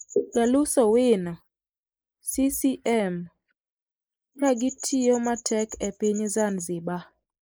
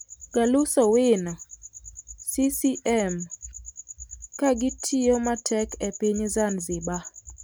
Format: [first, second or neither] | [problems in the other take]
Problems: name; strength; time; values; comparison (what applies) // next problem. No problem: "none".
second | noise reduction (neural mask model Resemble Enhance denoiser)